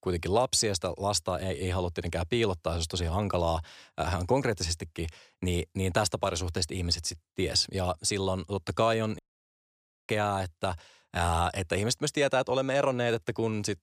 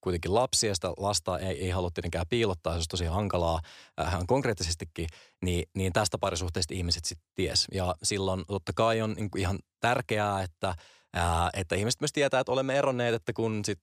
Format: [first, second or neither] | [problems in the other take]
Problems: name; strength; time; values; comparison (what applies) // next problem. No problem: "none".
second | audio cutting out; at 9 s for 1 s